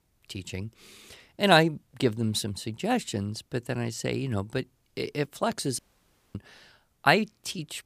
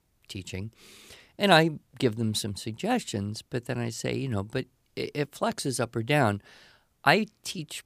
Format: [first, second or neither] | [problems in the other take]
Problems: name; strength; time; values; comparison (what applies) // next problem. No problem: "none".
second | audio cutting out; at 6 s for 0.5 s